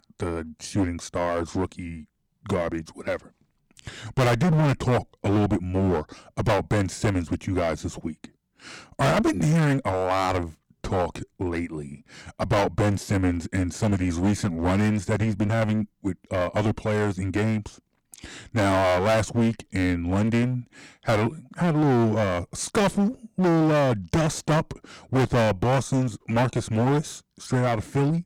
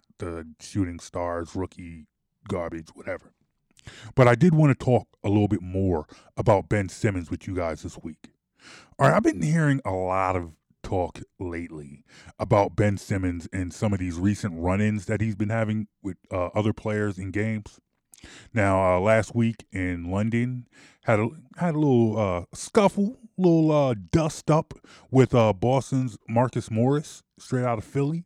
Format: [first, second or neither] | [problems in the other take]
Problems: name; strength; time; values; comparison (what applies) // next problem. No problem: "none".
second | distortion; heavy; 14% of the sound clipped